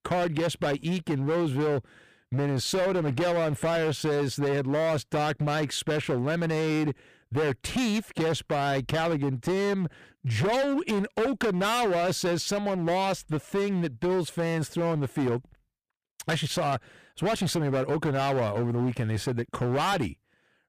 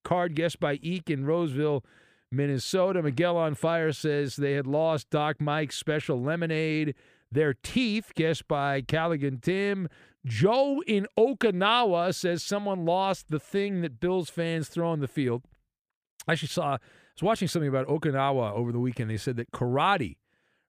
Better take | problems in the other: second | distortion; heavy; 21% of the sound clipped

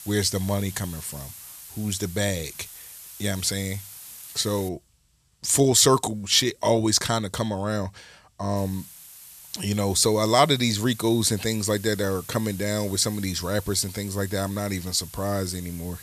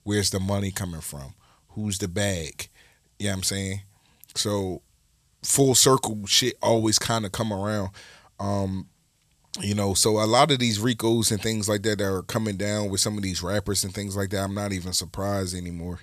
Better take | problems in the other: second | hiss; noticeable; until 4.5 s and from 8.5 s on; 15 dB below the speech

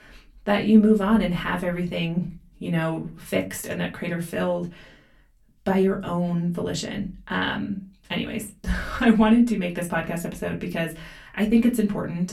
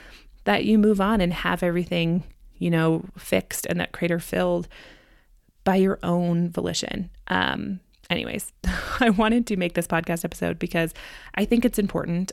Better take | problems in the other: second | off-mic speech; far // room echo; very slight; dies away in 0.2 s

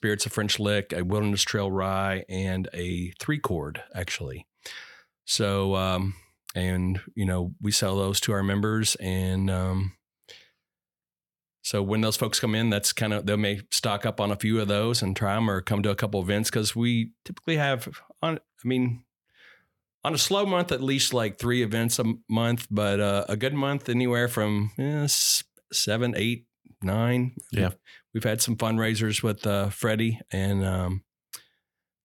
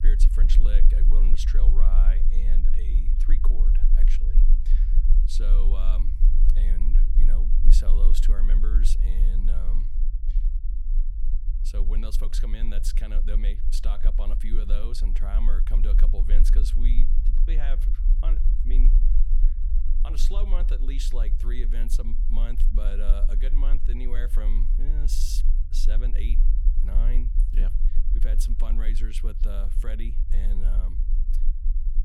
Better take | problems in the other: first | low rumble; loud; throughout; 8 dB below the speech

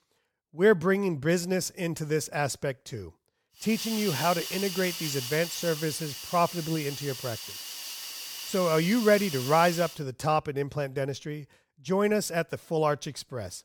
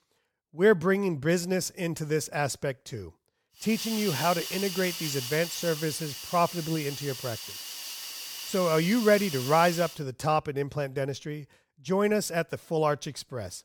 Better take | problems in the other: neither | hiss; loud; from 3.5 to 10 s; 7 dB below the speech; the same in both

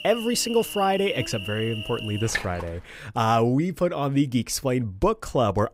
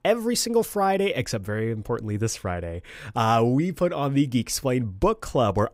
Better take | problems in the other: second | animal sounds; loud; until 3 s; 8 dB below the speech

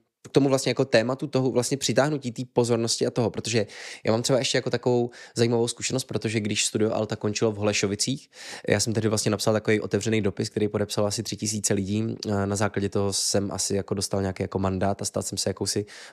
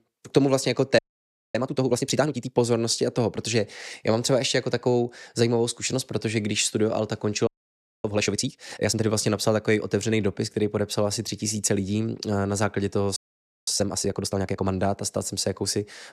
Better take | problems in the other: first | audio freezing; at 1 s for 0.5 s, at 7.5 s for 0.5 s and at 13 s for 0.5 s

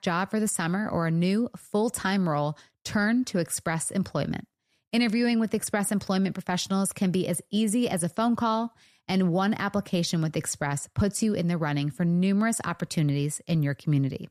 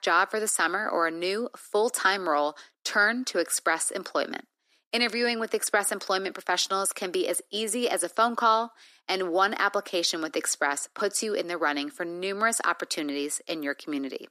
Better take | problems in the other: first | thin; very; fading below 300 Hz

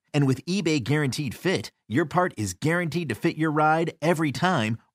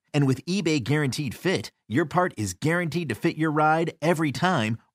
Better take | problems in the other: neither | none

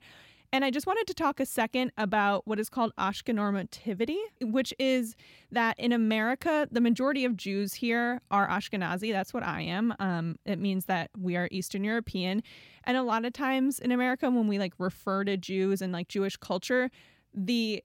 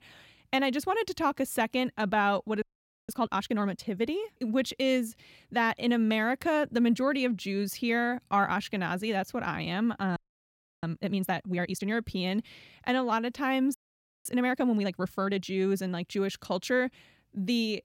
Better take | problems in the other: first | audio freezing; at 2.5 s, at 10 s for 0.5 s and at 14 s for 0.5 s

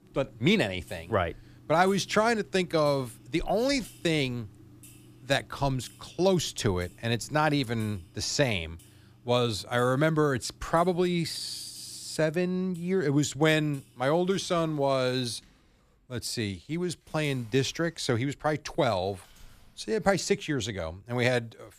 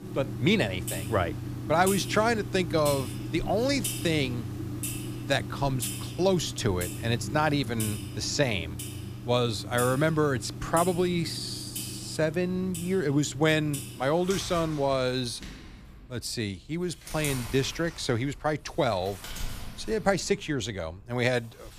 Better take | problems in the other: first | household noises; loud; throughout; 8 dB below the speech; faint in the first

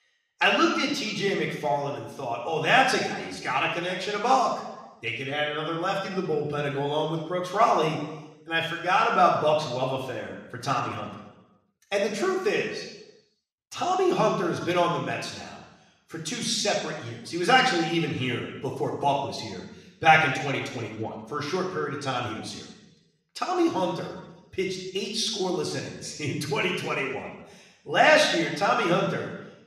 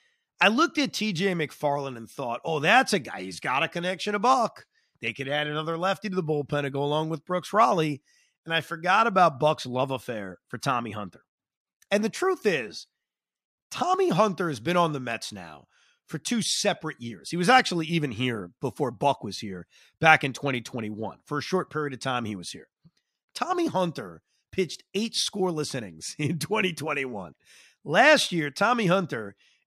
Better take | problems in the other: second | room echo; noticeable; dies away in 0.9 s // off-mic speech; somewhat distant

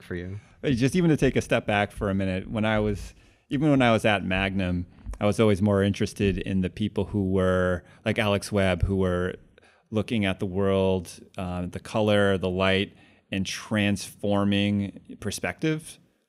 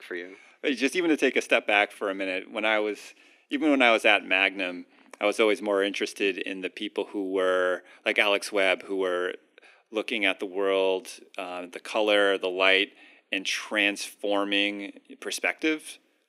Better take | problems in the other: first | thin; somewhat; fading below 300 Hz

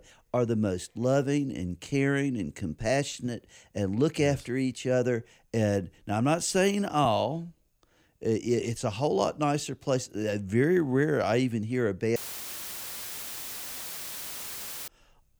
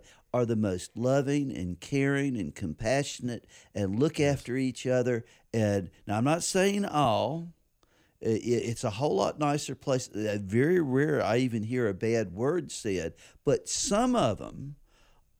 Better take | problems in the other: second | audio cutting out; filled with static; at 12 s for 2.5 s

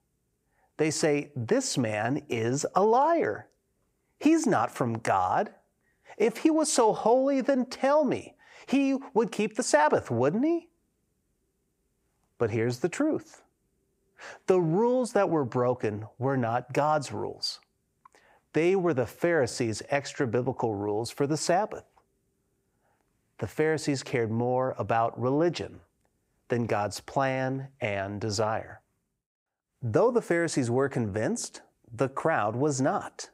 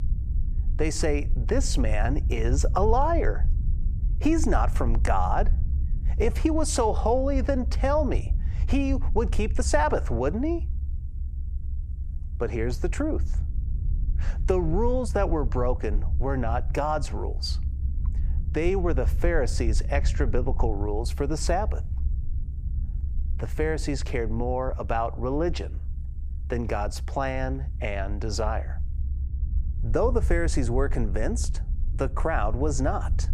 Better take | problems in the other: first | low rumble; noticeable; throughout; 20 dB below the speech

